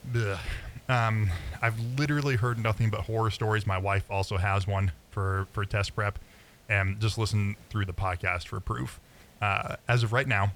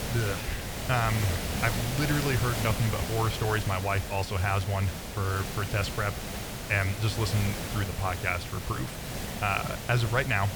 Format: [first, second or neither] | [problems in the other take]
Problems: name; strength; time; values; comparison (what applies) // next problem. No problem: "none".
first | hiss; loud; throughout; 5 dB below the speech; faint in the first